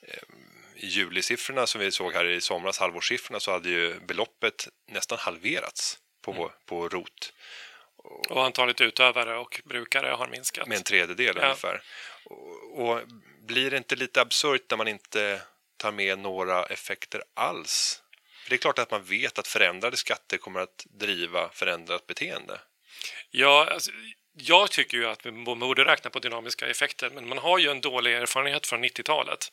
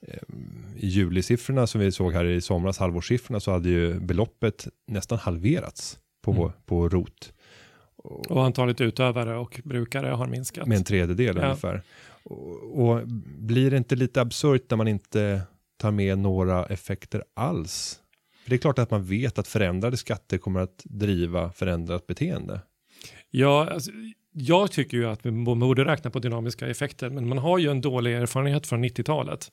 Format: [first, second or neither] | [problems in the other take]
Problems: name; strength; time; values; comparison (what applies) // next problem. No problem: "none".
second | thin; very; fading below 650 Hz